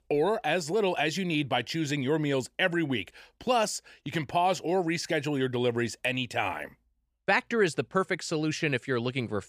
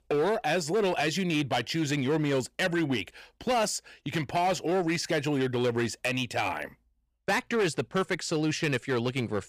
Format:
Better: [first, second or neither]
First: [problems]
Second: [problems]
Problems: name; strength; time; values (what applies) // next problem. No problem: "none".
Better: first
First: none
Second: distortion; slight; 10% of the sound clipped